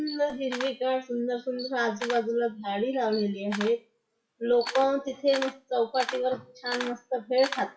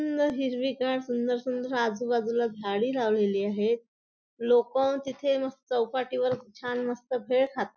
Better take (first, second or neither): second